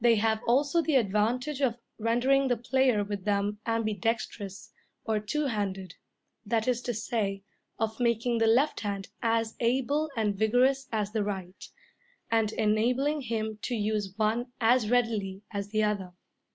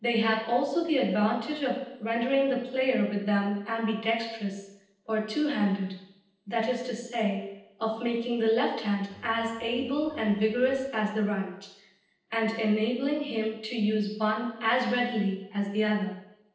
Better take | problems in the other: first | noise reduction (neural separator model SepFormer DNS4)

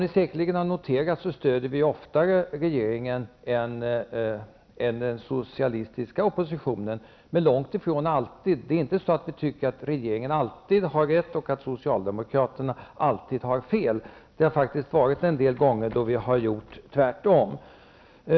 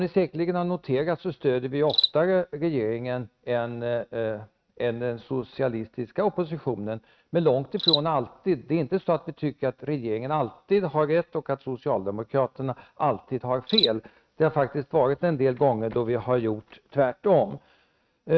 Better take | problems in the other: first | noise reduction (neural mask model RNNoise)

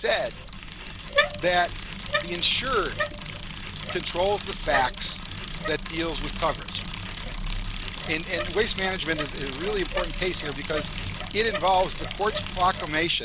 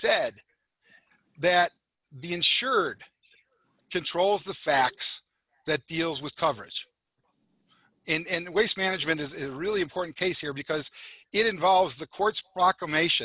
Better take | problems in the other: second | background sound (Bicycle); 4 dB below the speech

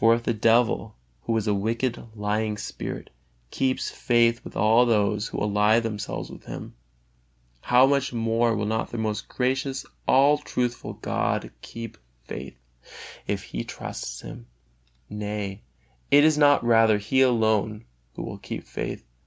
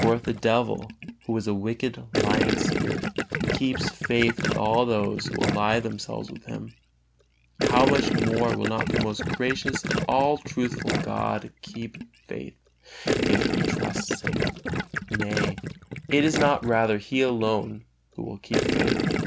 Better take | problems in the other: first | background sound (Gurgling); 1 dB below the speech

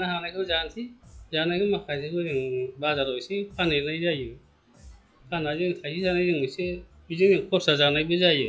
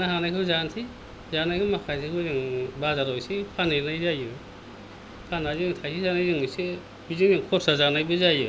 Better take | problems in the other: second | noise reduction (classical method log-MMSE)

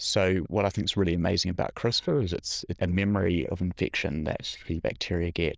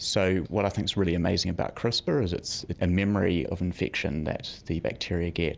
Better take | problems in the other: second | noise reduction (neural diffusion model UNIVERSE++)

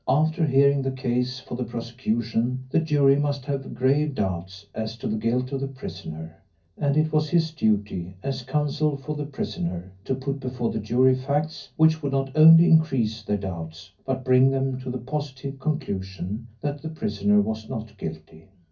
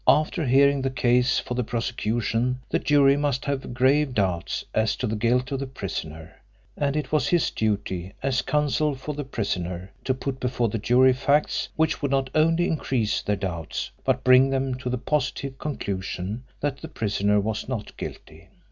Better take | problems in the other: second | room echo; dies away in 0.3 s

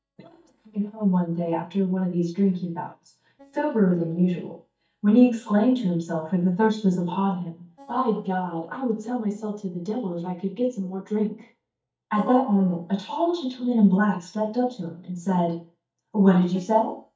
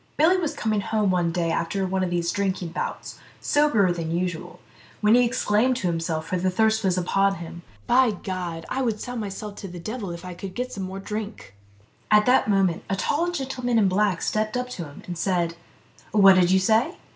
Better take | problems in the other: second | noise reduction (neural mask model DeepFilterNet 3)

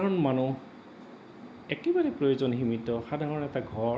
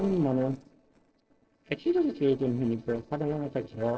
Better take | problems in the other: first | noise reduction (neural separator model SepFormer DNS4)

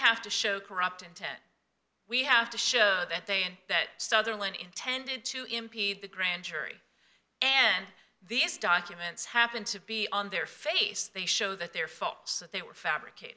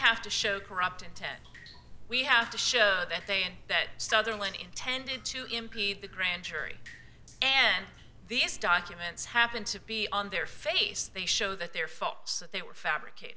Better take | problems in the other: first | background sound (Drip); 13 dB below the speech

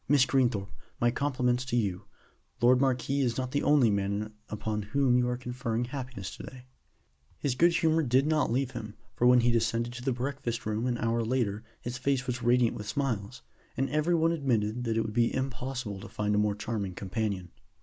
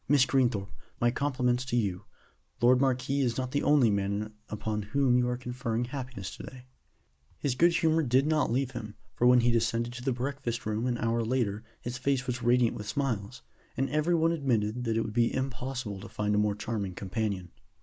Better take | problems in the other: first | noise reduction (neural mask model Resemble Enhance denoiser)

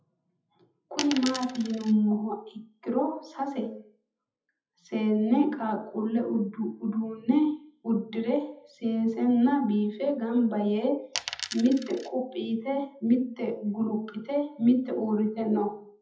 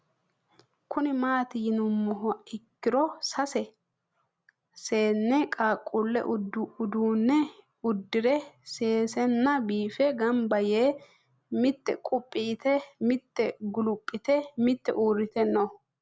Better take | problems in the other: second | noise reduction (classical method WPE with log-MMSE)

